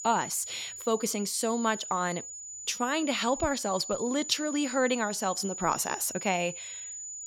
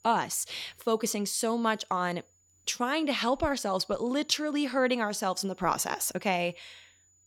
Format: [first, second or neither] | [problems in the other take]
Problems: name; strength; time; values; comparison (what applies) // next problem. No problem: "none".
second | high-pitched whine; loud; throughout; 7 kHz, 8 dB below the speech; faint in the second